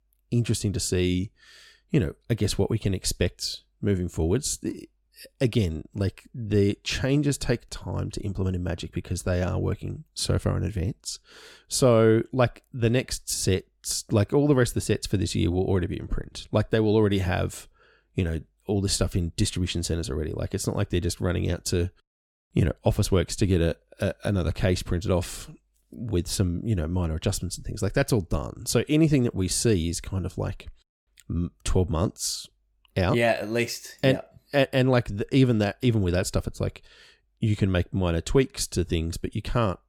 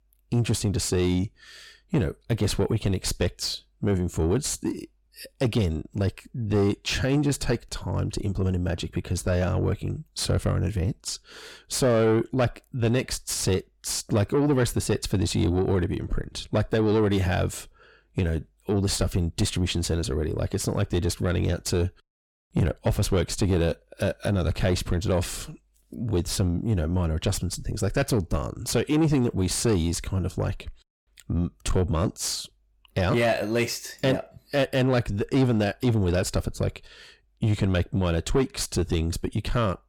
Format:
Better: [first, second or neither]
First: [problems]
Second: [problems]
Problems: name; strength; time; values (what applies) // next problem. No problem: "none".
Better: first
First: none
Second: distortion; slight; 10 dB below the speech